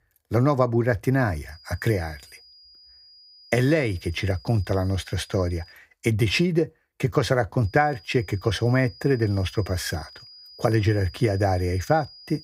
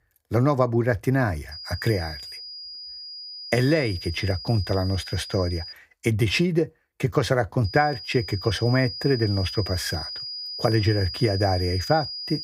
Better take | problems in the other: first | high-pitched whine; loud; from 1.5 to 5.5 s and from 7.5 s on; 5 kHz, 9 dB below the speech; faint in the first

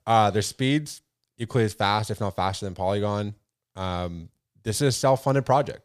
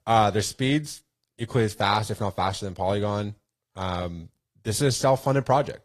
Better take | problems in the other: first | garbled, watery; slightly

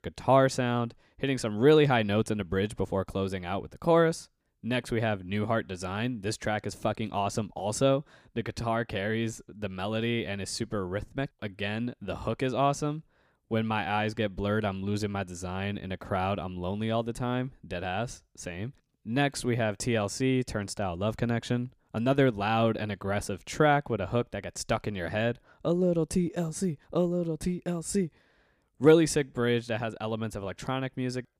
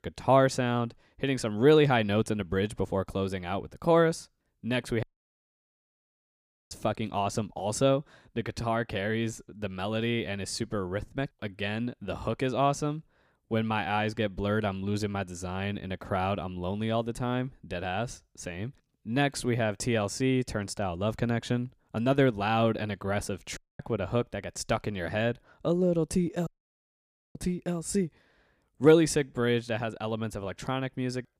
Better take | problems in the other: first | audio cutting out; at 5 s for 1.5 s, at 24 s and at 26 s for 1 s

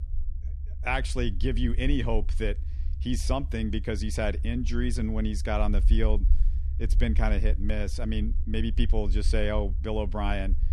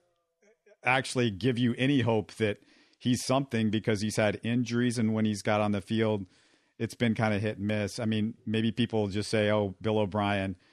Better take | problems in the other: second | low rumble; noticeable; throughout; 20 dB below the speech

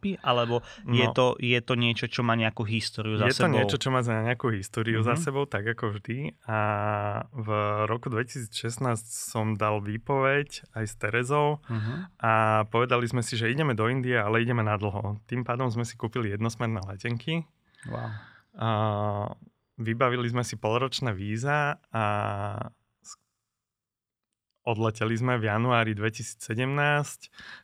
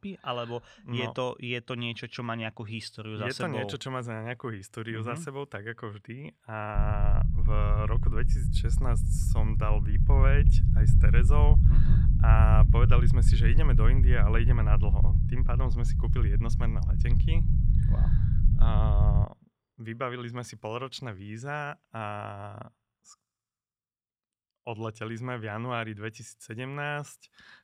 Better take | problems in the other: first | low rumble; loud; from 7 to 19 s; 5 dB below the speech

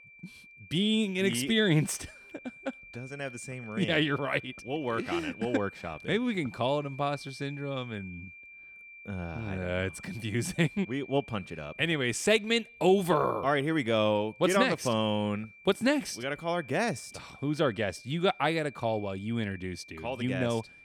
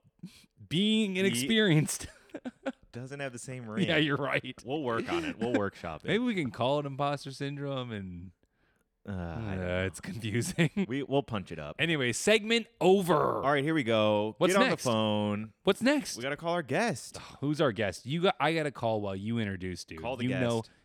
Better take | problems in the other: second | high-pitched whine; noticeable; throughout; 2.5 kHz, 20 dB below the speech

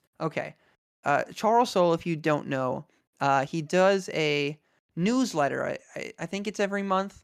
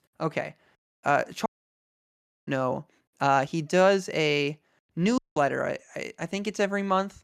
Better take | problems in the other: first | audio cutting out; at 1.5 s for 1 s and at 5 s

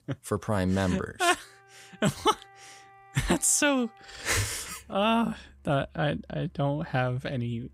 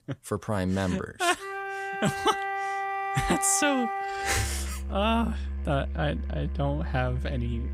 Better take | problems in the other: first | background music; loud; throughout; 4 dB below the speech; faint in the first

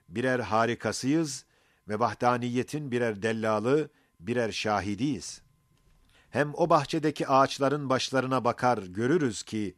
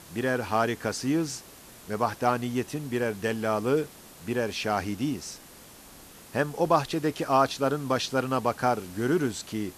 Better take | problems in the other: first | hiss; noticeable; throughout; 20 dB below the speech

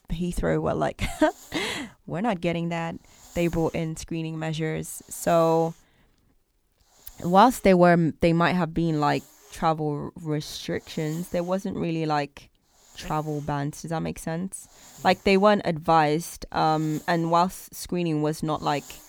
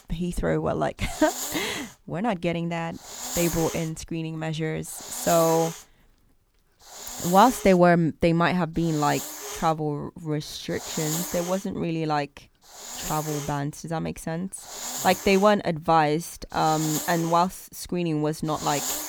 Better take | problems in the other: first | hiss; loud; throughout; 8 dB below the speech; faint in the first

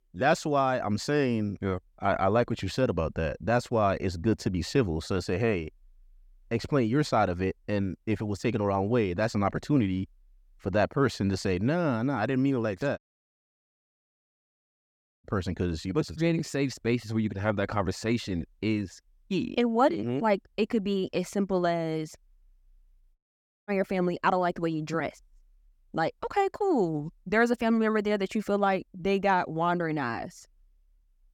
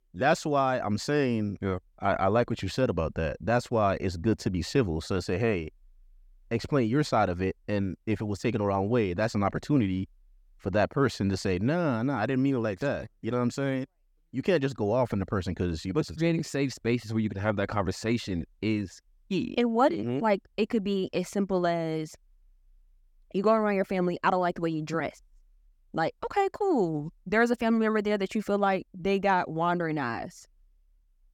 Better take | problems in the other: second | audio cutting out; at 13 s for 2.5 s and at 23 s for 0.5 s

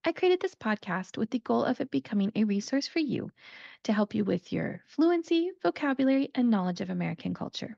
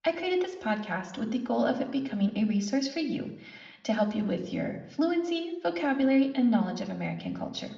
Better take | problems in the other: first | room echo; slight; dies away in 0.7 s // off-mic speech; somewhat distant

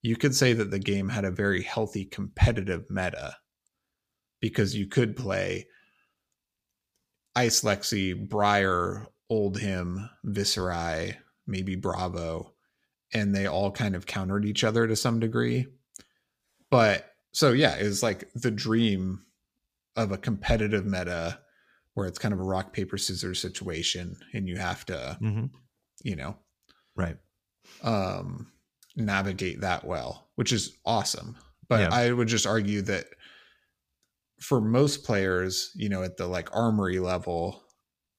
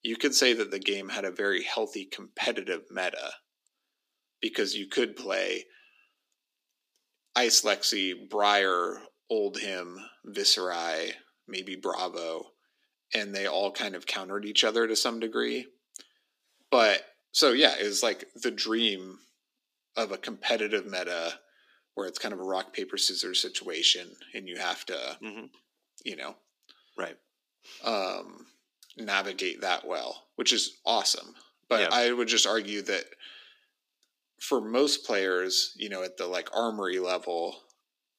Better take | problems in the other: first | thin; somewhat; fading below 250 Hz

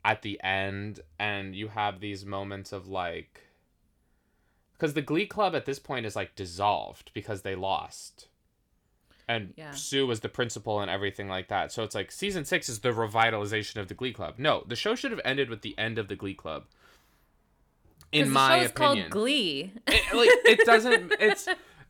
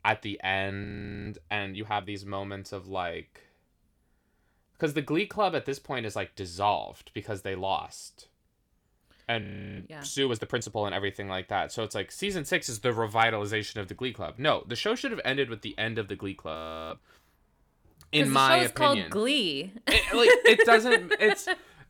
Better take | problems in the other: first | audio freezing; at 1 s, at 9.5 s and at 17 s

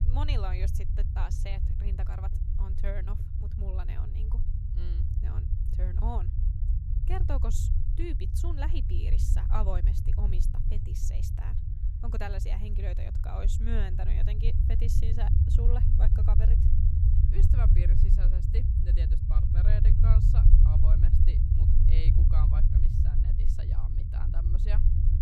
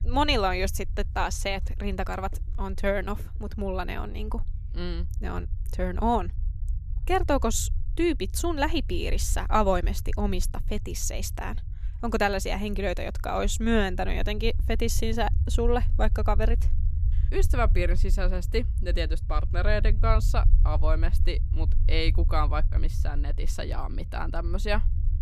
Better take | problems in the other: second | low rumble; loud; throughout; 1 dB below the speech; faint in the second

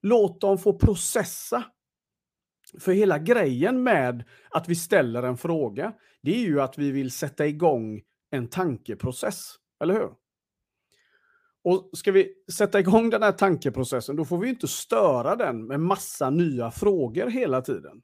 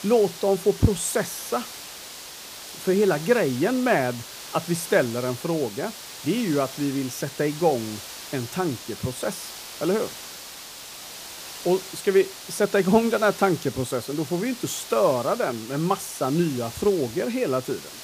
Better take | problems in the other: first | hiss; noticeable; throughout; 10 dB below the speech

